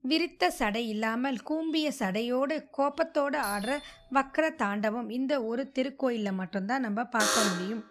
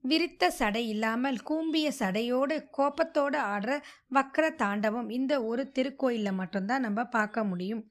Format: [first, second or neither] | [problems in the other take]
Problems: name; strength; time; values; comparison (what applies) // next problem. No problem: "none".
second | doorbell; noticeable; at 3.5 s; peak 9 dB below the speech // alarm; loud; at 7 s; peak 4 dB above the speech